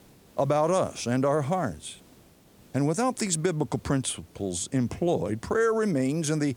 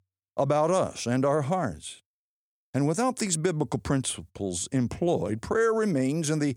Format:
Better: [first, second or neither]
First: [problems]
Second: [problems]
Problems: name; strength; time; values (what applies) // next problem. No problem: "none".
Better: second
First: hiss; faint; throughout; 30 dB below the speech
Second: none